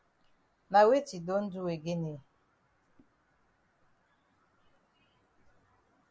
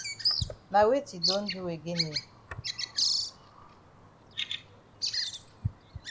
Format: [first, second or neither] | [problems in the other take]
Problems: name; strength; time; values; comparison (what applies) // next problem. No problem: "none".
first | background sound (Bird vocalization, bird call, bird song); as loud as the speech